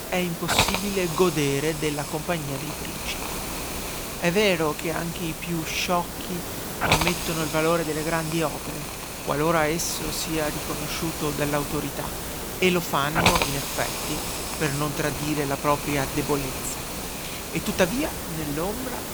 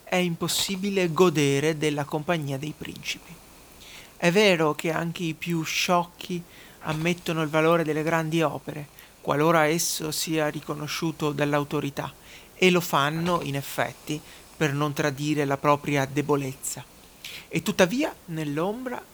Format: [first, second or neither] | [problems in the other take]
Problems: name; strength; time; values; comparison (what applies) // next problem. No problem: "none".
second | hiss; loud; throughout; 2 dB below the speech; faint in the second